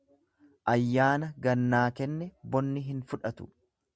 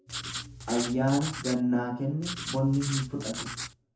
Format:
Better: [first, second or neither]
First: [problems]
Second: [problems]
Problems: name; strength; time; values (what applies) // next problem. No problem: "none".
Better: first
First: none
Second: background sound (Writing); 8 dB below the speech // room echo; dies away in 0.7 s